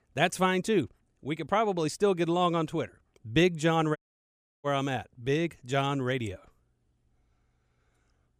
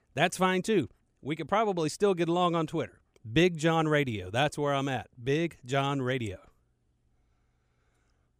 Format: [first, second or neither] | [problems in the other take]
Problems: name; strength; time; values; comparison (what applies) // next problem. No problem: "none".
second | audio cutting out; at 4 s for 0.5 s